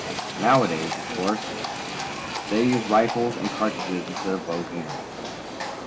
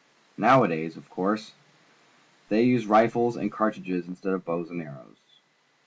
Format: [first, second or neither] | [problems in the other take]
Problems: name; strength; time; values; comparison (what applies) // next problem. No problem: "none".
second | background sound (Livestock, farm animals, working animals); 5 dB below the speech